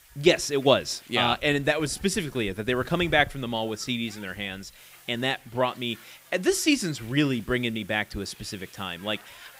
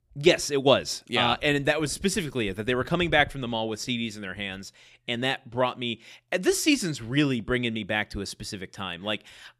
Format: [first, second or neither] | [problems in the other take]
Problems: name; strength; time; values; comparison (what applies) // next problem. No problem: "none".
second | hiss; faint; throughout; 25 dB below the speech